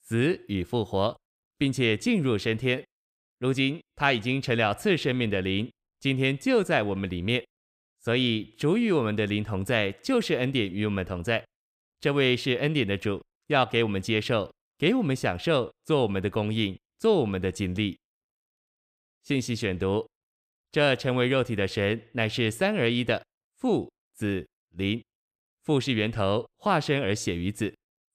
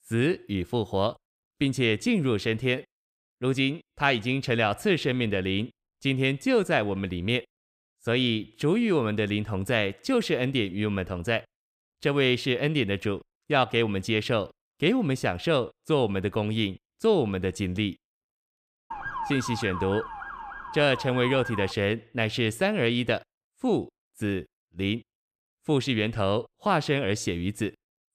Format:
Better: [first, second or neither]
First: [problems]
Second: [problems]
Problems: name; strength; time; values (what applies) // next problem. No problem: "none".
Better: first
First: none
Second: siren; noticeable; from 19 to 22 s; peak 6 dB below the speech